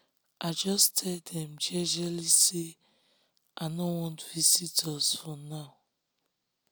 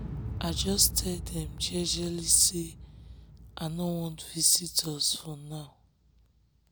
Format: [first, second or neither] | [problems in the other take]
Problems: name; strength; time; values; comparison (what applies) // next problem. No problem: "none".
first | background sound (Explosion); 11 dB below the speech